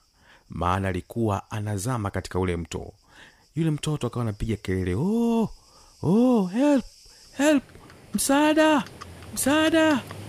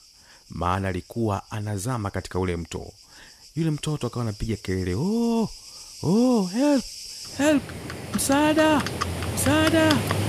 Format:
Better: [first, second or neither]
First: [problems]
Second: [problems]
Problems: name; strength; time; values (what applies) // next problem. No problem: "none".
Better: first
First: animal sounds; faint; throughout; 20 dB below the speech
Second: animal sounds; loud; throughout; 8 dB below the speech